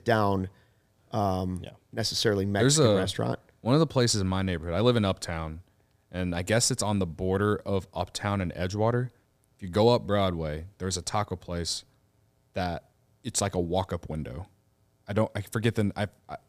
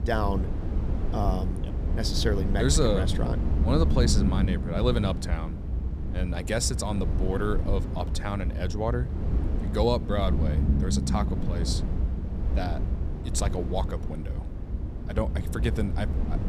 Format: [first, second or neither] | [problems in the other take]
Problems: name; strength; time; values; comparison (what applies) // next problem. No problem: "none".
first | low rumble; loud; throughout; 8 dB below the speech